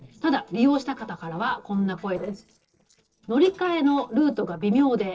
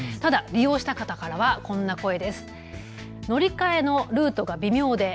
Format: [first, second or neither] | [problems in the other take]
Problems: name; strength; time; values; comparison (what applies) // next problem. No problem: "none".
second | noise reduction (neural separator model SepFormer DNS4)